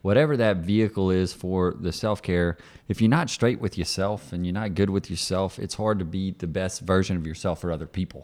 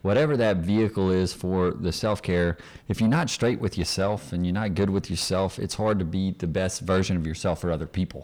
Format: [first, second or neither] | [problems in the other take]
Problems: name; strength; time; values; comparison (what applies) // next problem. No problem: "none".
first | distortion; slight; 10 dB below the speech